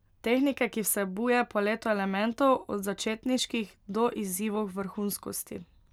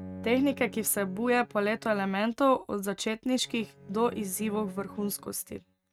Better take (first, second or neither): first